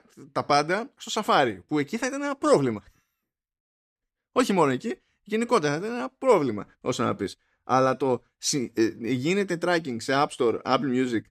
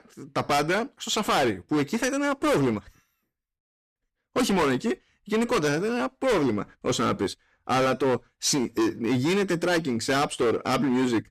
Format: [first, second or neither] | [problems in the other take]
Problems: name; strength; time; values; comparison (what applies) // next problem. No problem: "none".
first | distortion; heavy; 16% of the sound clipped